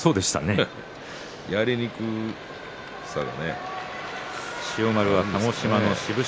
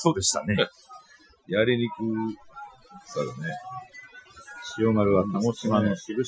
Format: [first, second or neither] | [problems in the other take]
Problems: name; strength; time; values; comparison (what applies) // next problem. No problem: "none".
first | noise reduction (classical method Wiener filter)